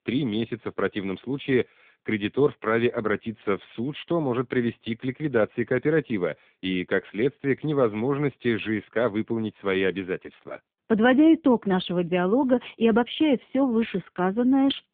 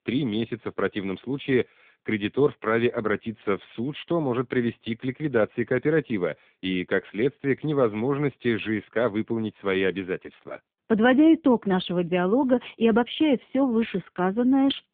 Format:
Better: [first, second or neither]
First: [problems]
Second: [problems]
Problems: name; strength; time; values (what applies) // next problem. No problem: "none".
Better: neither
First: phone-call audio; nothing above 3.5 kHz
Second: phone-call audio; nothing above 3.5 kHz